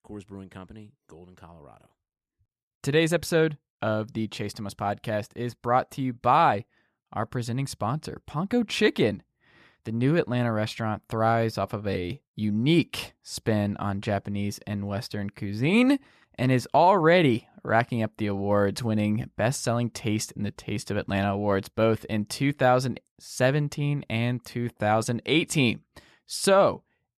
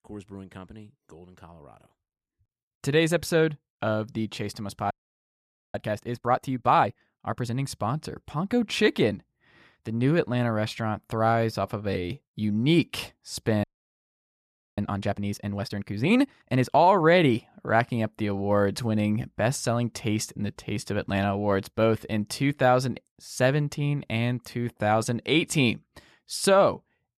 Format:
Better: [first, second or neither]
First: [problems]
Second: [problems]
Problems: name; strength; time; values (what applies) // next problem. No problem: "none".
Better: first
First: none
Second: audio freezing; at 5 s for 1 s and at 14 s for 1 s